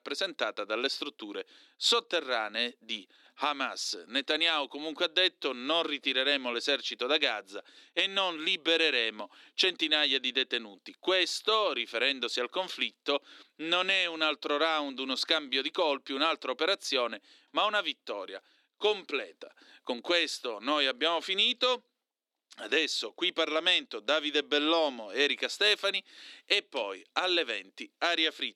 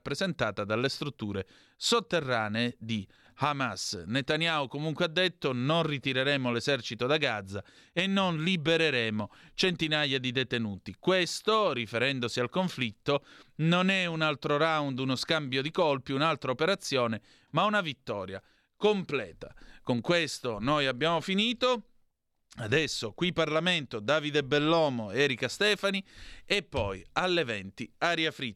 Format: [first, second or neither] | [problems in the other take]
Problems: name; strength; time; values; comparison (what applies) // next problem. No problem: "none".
second | thin; somewhat; fading below 300 Hz